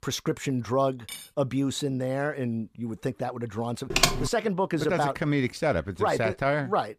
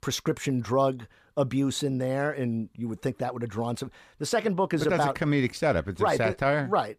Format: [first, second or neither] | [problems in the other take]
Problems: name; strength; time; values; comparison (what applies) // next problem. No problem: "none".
second | clattering dishes; faint; at 1 s; peak 10 dB below the speech // keyboard typing; loud; at 4 s; peak 5 dB above the speech